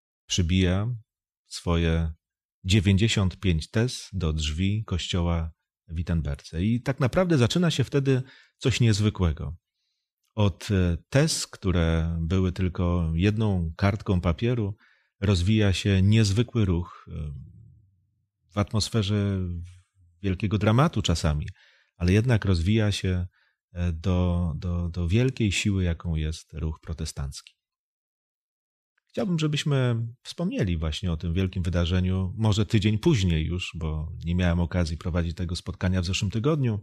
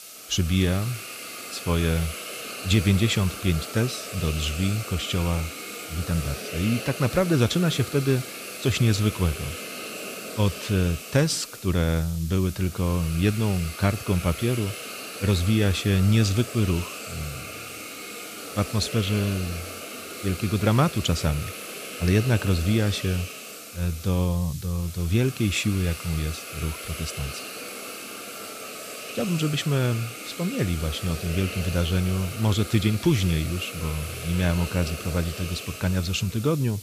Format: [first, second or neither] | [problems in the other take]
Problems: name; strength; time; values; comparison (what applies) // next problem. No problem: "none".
first | hiss; loud; throughout; 10 dB below the speech